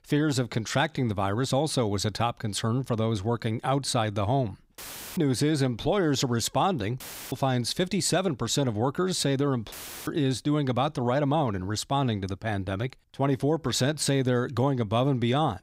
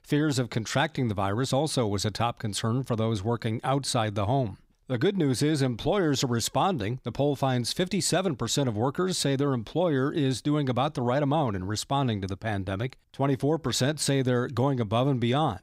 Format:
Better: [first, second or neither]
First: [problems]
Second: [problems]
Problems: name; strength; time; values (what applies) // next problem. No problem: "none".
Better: second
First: audio cutting out; filled with static; at 5 s, at 7 s and at 9.5 s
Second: none